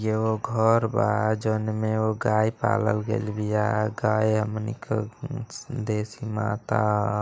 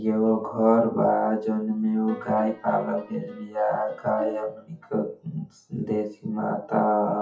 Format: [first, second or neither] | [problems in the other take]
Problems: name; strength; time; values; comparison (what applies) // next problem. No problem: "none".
first | noise reduction (classical method WPE with log-MMSE)